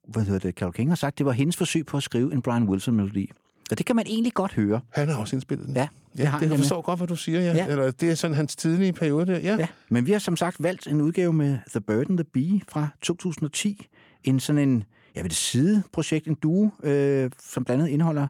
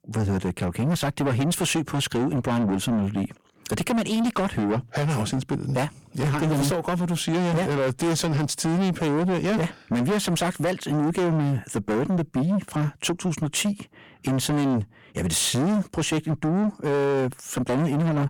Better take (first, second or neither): first